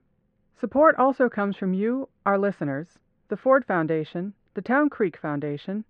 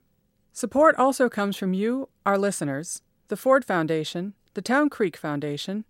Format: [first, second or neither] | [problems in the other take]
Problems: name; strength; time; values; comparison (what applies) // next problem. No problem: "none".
second | muffled; very; fading above 2 kHz